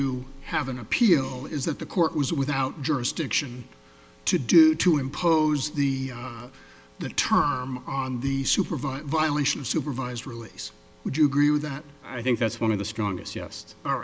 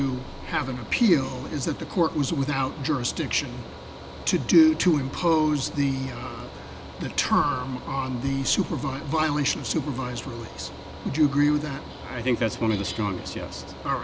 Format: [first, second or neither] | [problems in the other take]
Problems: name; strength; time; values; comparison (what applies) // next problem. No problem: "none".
first | background sound (Mechanical fan); 13 dB below the speech